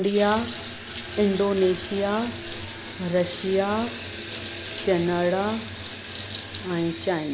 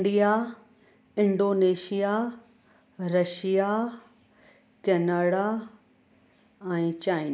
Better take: second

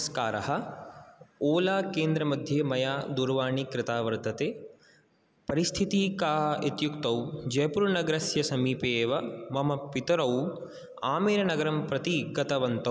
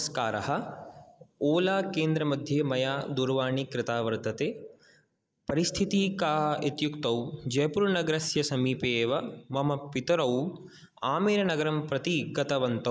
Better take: first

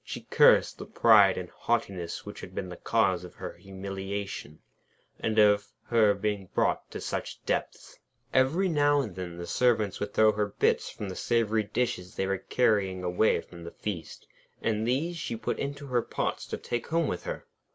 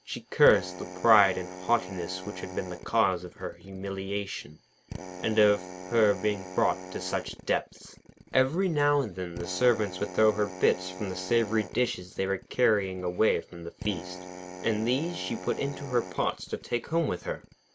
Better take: first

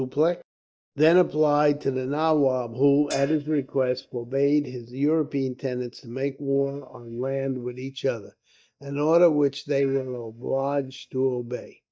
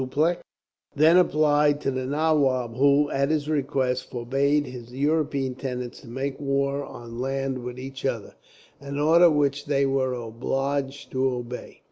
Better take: second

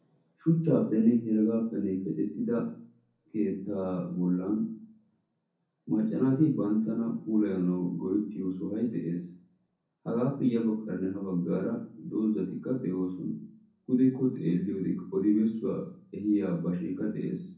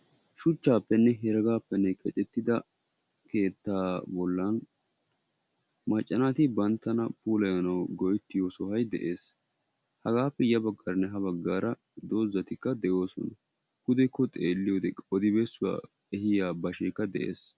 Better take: second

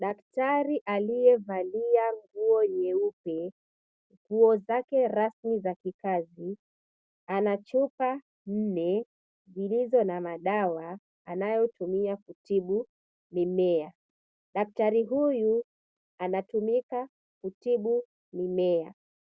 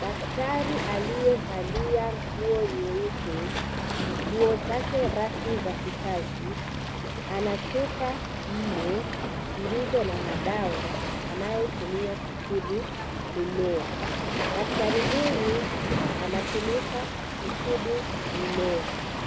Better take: first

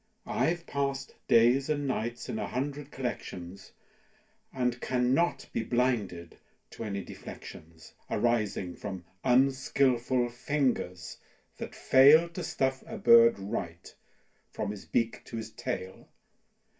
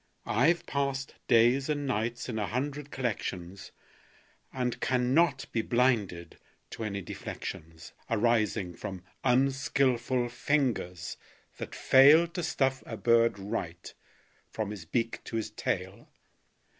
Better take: second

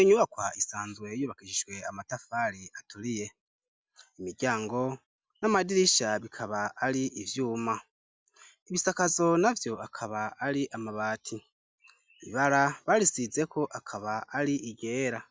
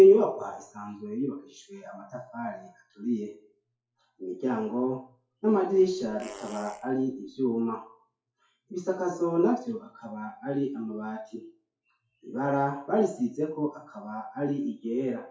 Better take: first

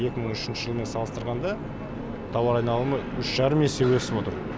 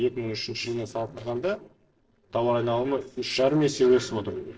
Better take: first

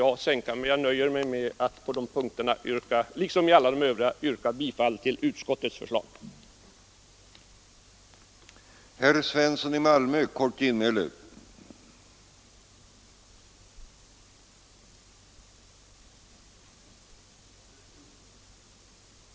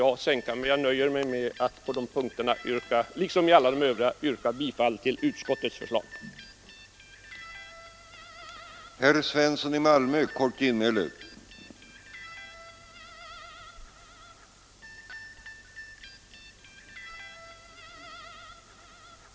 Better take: first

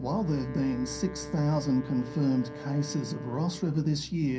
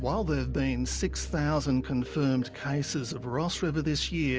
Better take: second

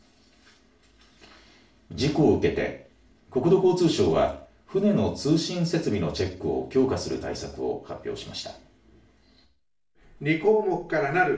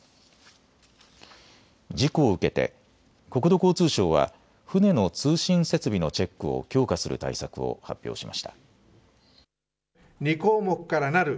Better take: second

